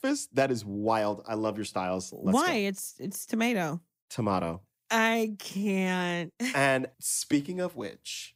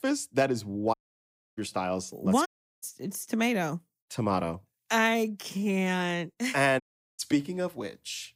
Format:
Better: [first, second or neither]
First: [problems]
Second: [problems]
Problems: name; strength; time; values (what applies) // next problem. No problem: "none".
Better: first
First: none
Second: audio cutting out; at 1 s for 0.5 s, at 2.5 s and at 7 s